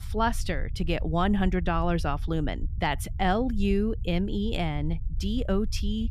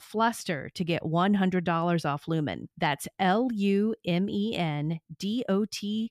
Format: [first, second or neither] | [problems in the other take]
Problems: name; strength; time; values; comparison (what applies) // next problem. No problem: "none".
second | low rumble; faint; throughout; 25 dB below the speech